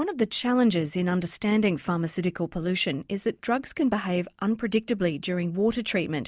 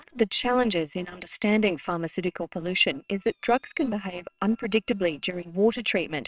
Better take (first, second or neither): first